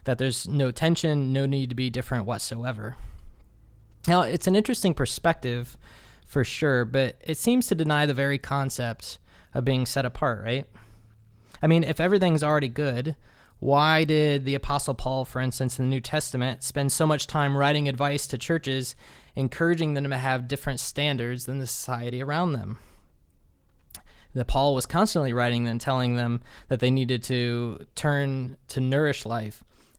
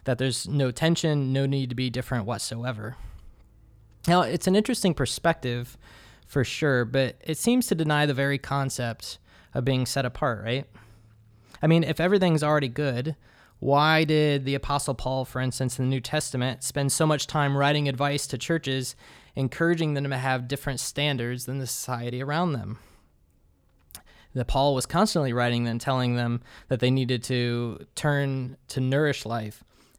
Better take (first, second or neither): second